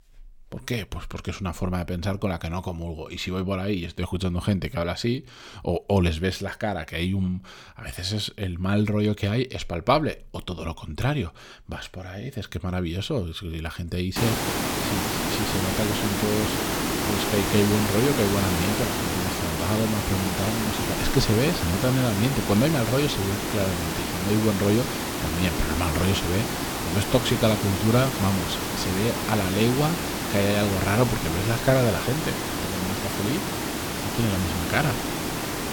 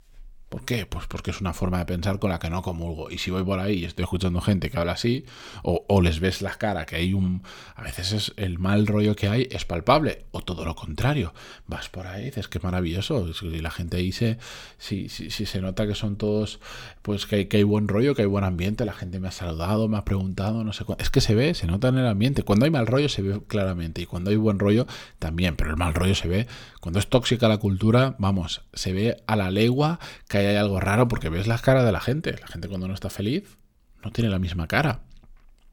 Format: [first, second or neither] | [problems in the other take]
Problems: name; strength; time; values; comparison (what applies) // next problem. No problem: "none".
second | hiss; loud; from 14 s on; 1 dB below the speech